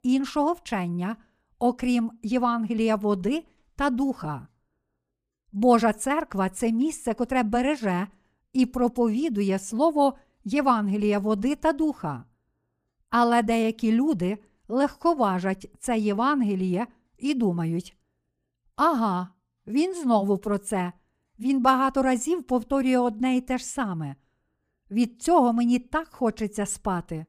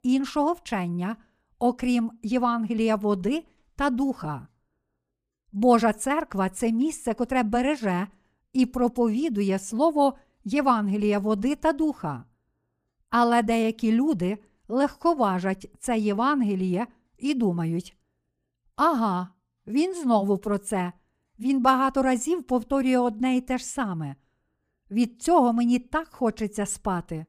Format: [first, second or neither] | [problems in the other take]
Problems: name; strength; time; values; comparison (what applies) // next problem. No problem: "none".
neither | none